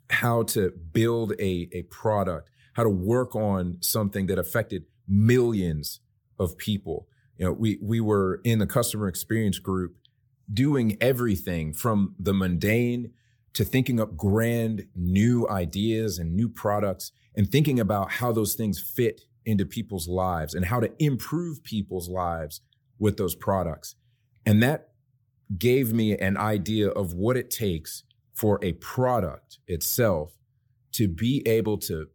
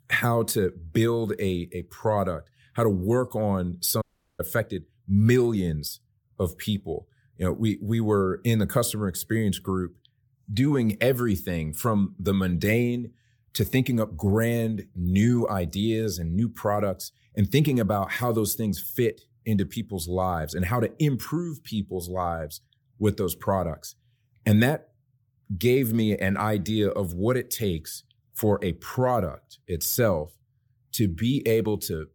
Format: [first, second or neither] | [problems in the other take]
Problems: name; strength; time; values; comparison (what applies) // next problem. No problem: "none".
first | audio cutting out; at 4 s